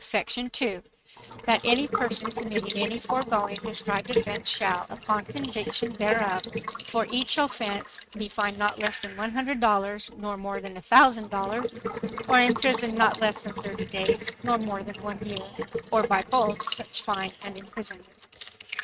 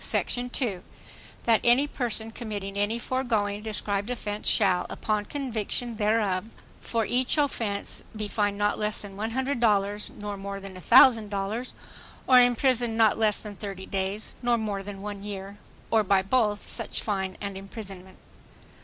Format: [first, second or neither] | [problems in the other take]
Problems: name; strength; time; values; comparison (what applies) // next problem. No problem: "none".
second | noise reduction (neural mask model RNNoise)